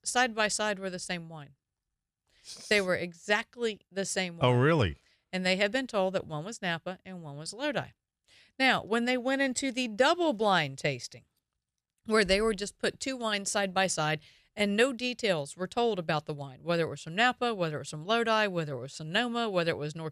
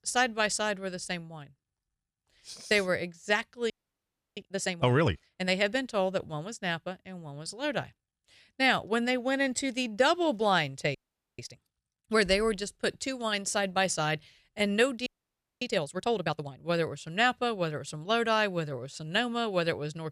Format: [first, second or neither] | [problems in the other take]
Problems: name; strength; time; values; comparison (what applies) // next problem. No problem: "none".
first | audio freezing; at 3.5 s for 0.5 s, at 11 s and at 15 s for 0.5 s